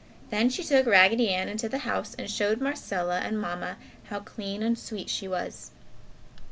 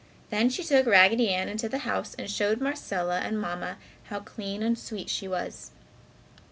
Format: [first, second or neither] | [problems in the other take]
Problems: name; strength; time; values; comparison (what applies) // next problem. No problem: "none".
second | background sound (Wind); 18 dB below the speech